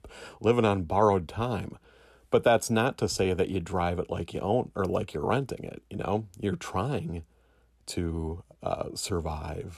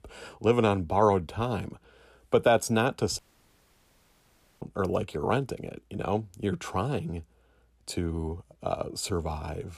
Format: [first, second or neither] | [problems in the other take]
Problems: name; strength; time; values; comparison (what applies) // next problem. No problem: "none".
first | audio cutting out; at 3 s for 1.5 s